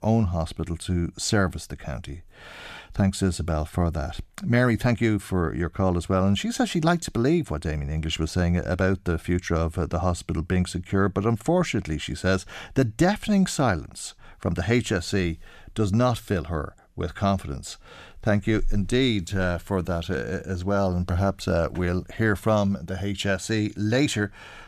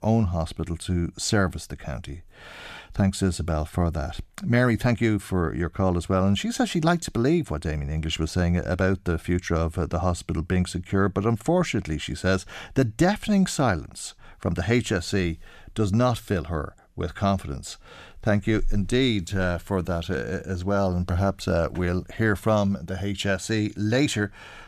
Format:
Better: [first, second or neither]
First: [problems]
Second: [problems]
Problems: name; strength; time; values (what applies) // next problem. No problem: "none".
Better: neither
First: none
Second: none